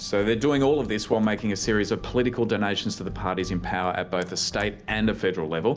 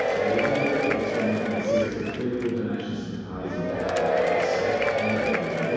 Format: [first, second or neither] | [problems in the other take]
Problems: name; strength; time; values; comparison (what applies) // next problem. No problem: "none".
first | background sound (Applause / Crowd / Cheering); 3 dB above the speech // room echo; dies away in 2 s